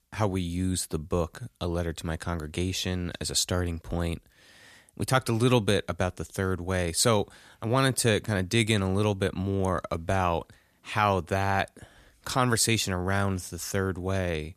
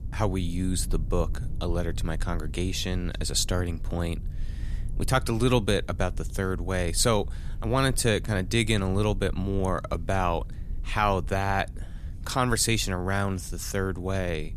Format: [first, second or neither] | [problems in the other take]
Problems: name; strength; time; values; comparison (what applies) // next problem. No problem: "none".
first | low rumble; faint; throughout; 25 dB below the speech